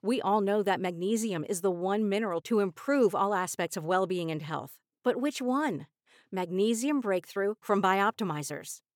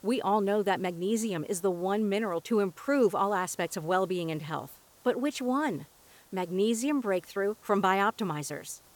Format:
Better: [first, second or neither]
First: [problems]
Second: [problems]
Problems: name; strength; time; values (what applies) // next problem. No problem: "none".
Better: first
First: none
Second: hiss; faint; throughout; 25 dB below the speech